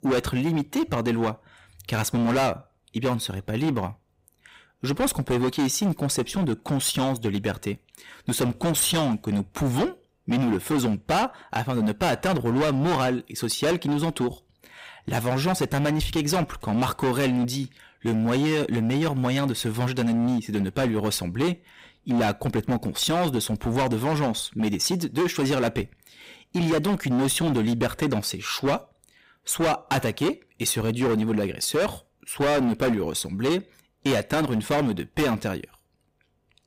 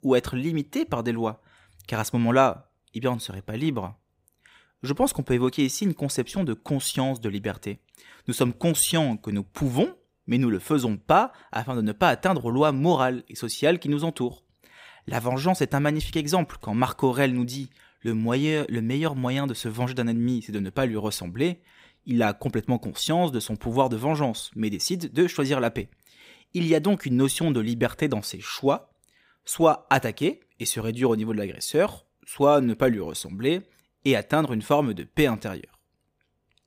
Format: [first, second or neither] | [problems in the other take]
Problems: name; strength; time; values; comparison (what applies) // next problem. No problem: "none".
second | distortion; heavy; 17% of the sound clipped